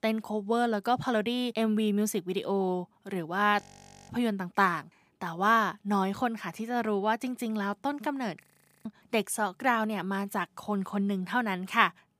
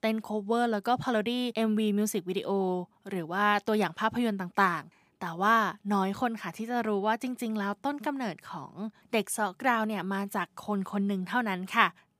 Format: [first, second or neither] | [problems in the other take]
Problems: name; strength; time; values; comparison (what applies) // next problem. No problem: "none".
second | audio freezing; at 3.5 s and at 8.5 s